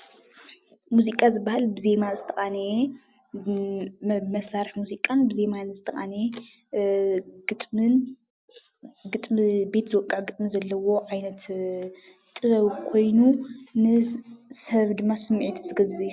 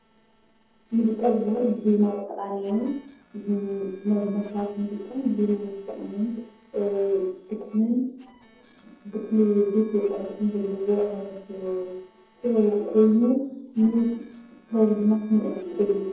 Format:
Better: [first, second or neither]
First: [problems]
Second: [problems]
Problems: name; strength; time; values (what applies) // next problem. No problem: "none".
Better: first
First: none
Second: noise reduction (neural separator model SepFormer DNS4)